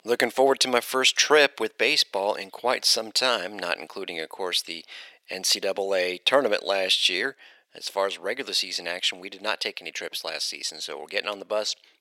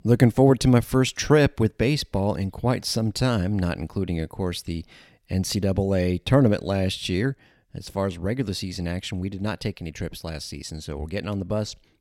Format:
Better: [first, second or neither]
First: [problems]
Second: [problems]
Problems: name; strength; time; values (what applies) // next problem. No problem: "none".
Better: second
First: thin; very; fading below 500 Hz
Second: none